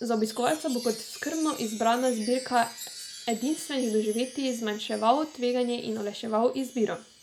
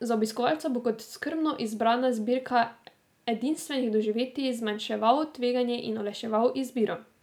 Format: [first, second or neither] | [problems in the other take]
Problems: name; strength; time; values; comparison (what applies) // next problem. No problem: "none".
second | background sound (Chime); 15 dB below the speech